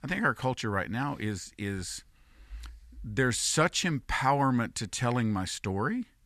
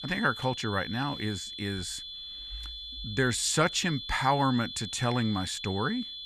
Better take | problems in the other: first | high-pitched whine; loud; throughout; 3.5 kHz, 9 dB below the speech

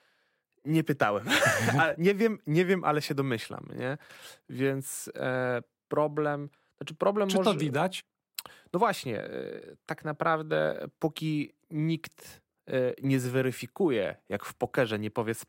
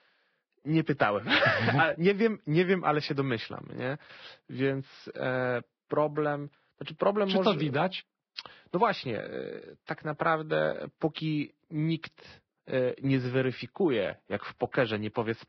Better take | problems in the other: first | garbled, watery; badly; nothing above 5 kHz

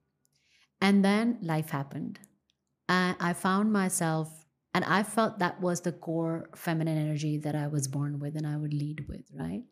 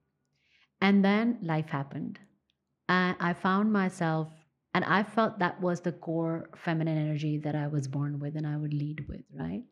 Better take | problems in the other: first | muffled; slightly; fading above 3 kHz

